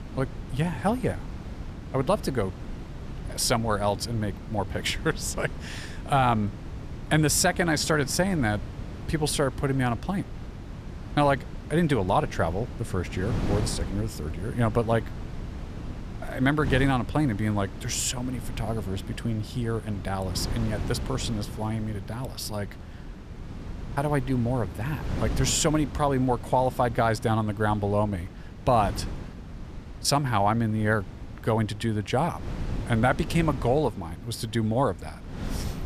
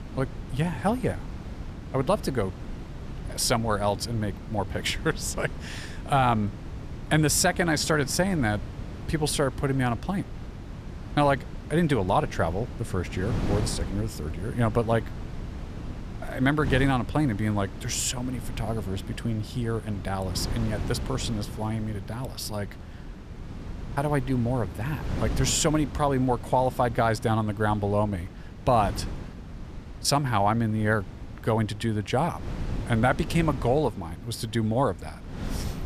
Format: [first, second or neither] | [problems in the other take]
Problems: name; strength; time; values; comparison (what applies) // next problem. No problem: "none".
neither | wind noise on the microphone; occasional gusts; 15 dB below the speech; the same in both